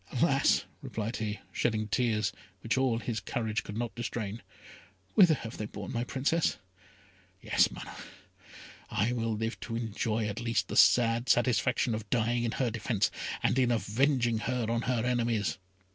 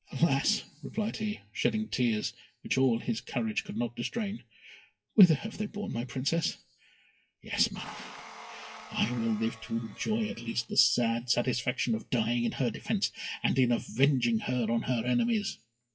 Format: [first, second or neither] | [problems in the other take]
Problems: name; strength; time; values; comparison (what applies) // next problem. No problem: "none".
first | noise reduction (classical method WPE with log-MMSE)